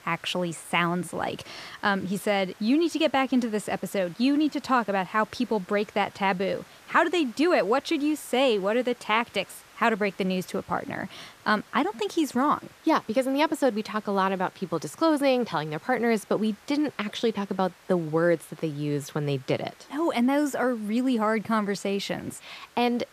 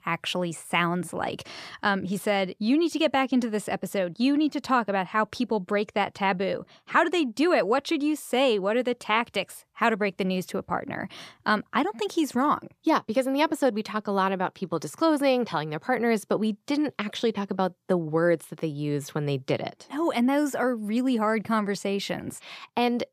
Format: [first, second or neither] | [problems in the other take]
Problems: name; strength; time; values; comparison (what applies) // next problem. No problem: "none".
second | hiss; faint; throughout; 25 dB below the speech